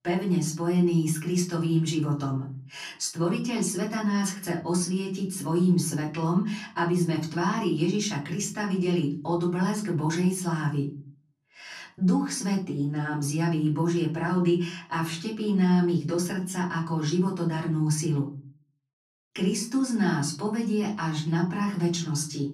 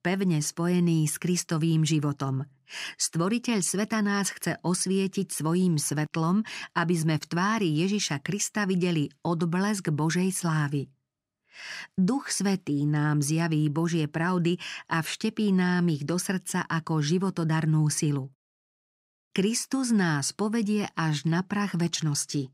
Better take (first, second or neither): second